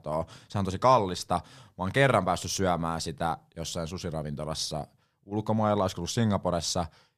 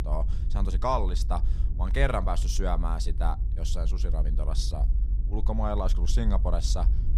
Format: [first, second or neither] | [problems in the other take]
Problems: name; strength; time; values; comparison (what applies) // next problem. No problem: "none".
first | low rumble; noticeable; throughout; 15 dB below the speech